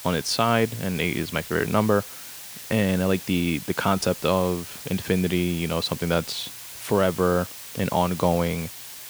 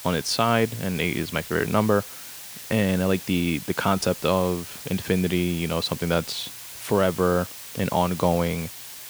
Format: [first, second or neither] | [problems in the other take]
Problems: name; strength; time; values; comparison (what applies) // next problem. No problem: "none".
neither | hiss; noticeable; throughout; 10 dB below the speech; the same in both